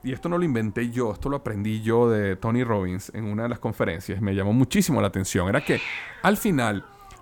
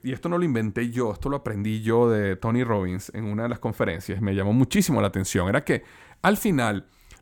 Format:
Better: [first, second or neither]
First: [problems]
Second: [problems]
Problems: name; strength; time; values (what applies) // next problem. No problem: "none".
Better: second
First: hiss; noticeable; throughout; 10 dB below the speech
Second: none